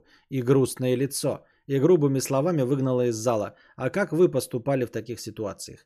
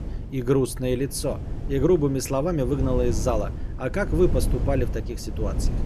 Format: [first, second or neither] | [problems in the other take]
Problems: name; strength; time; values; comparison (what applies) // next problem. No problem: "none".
first | wind noise on the microphone; occasional gusts; 15 dB below the speech